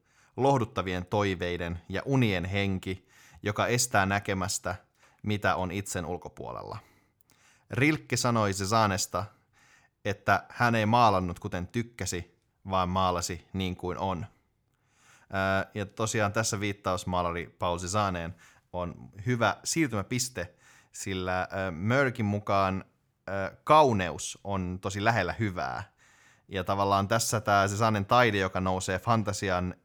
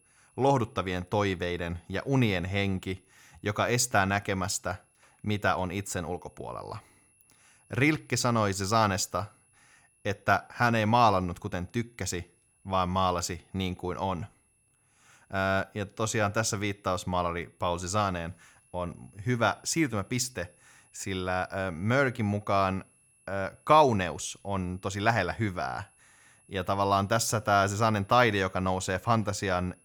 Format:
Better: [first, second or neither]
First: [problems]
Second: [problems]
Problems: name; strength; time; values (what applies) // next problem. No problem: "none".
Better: first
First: none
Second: high-pitched whine; faint; throughout; 10.5 kHz, 35 dB below the speech